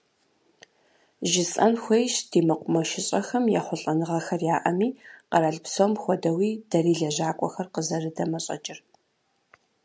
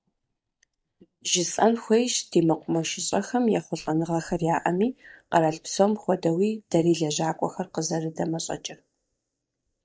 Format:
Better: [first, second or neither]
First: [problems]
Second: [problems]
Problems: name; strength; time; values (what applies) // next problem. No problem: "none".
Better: first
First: none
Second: noise reduction (neural mask model DeepFilterNet 3)